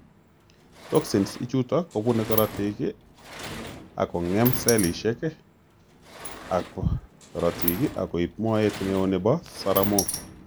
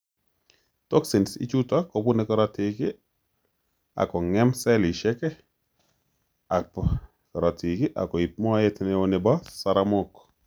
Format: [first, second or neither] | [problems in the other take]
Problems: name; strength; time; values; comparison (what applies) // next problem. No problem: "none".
second | background sound (Sliding door); 8 dB below the speech